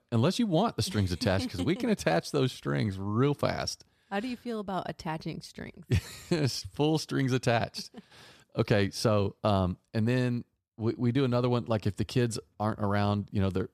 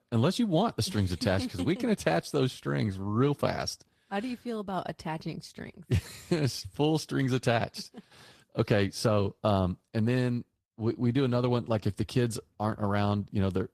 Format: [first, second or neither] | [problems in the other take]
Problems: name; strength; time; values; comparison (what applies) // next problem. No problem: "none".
first | garbled, watery; slightly; nothing above 14 kHz